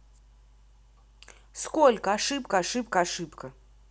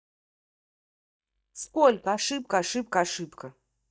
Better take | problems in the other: first | noise reduction (neural mask model DeepFilterNet 3)

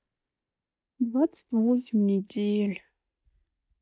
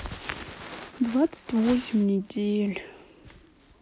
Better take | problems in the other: second | noise reduction (neural mask model DeepFilterNet 3)

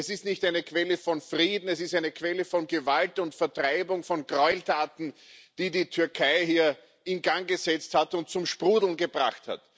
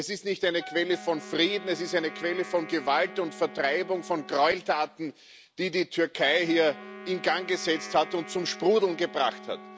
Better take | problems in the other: first | background sound (Wind instrument, woodwind instrument + Wind instrument, woodwind instrument); 16 dB below the speech

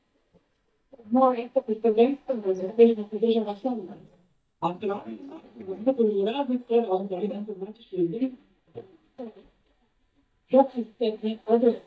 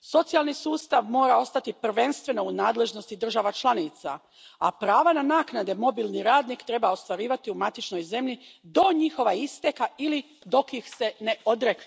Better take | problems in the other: second | noise reduction (neural mask model DeepFilterNet 3)

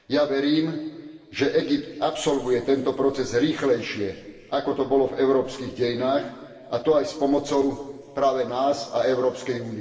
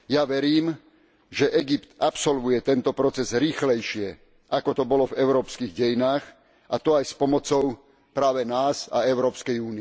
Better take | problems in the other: second | room echo; dies away in 2.3 s

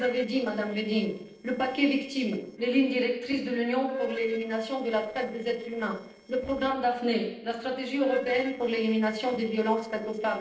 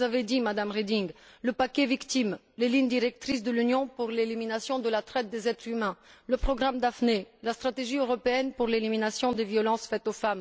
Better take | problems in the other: second | noise reduction (neural separator model SepFormer DNS4)

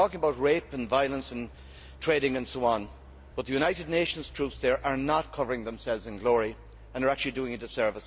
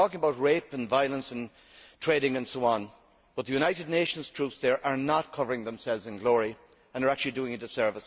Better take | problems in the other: second | background sound (Idling); 19 dB below the speech

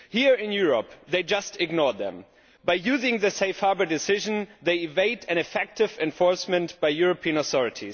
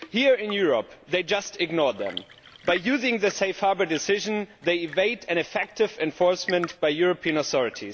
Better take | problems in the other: first | background sound (Tap / Fill (with liquid) / Trickle, dribble / Chirp, tweet / Engine); 18 dB below the speech

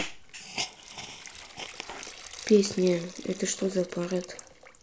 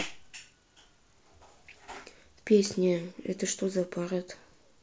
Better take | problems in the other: second | background sound (Hiss); 12 dB below the speech

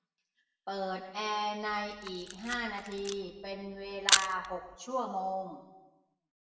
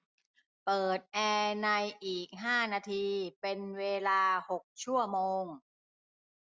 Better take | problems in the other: second | background sound (Camera); 2 dB above the speech // room echo; dies away in 1.1 s

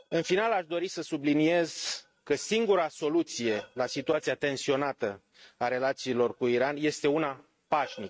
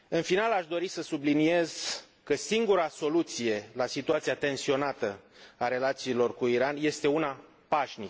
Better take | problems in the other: second | noise reduction (neural mask model RNNoise)

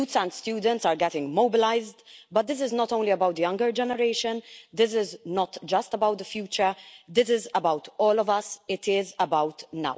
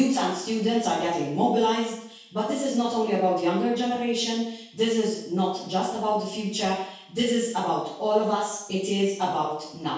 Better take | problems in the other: first | room echo; dies away in 0.6 s

